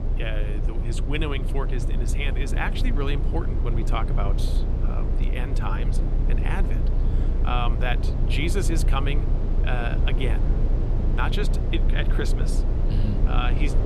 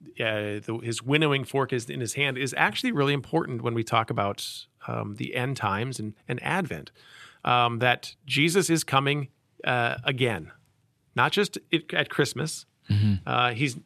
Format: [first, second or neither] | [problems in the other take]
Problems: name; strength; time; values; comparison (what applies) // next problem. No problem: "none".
second | low rumble; loud; throughout; 6 dB below the speech